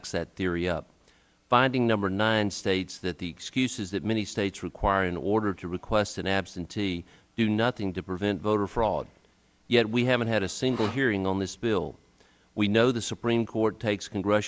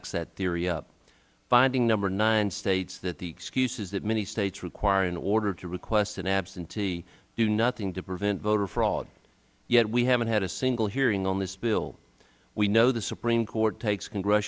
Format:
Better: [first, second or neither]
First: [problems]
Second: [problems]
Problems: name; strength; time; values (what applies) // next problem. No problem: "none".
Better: second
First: background sound (Sawing); 17 dB below the speech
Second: none